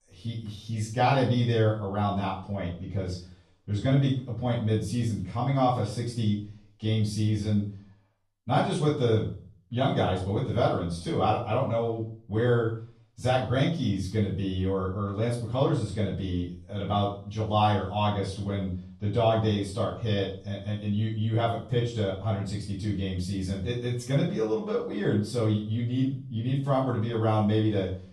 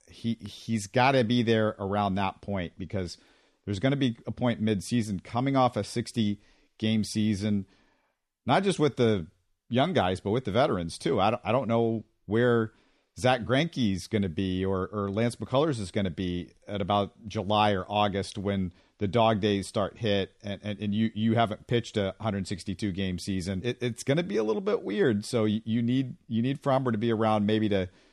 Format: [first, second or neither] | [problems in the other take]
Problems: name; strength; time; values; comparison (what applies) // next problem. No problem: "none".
second | room echo; noticeable; dies away in 0.4 s // off-mic speech; far